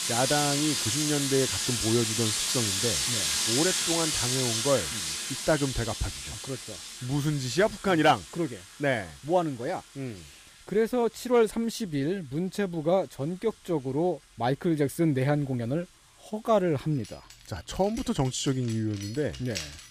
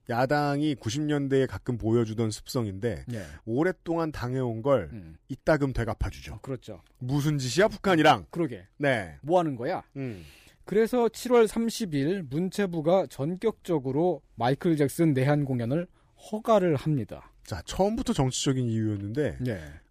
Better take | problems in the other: second | household noises; very loud; throughout; 1 dB above the speech

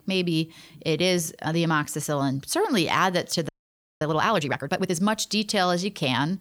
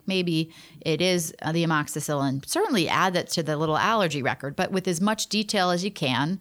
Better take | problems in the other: second | audio freezing; at 3.5 s for 0.5 s

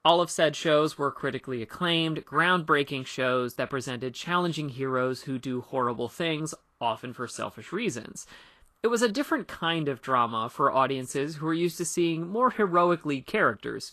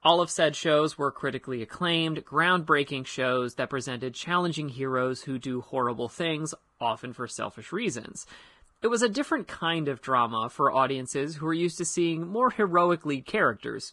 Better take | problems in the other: first | garbled, watery; badly; slightly in the first

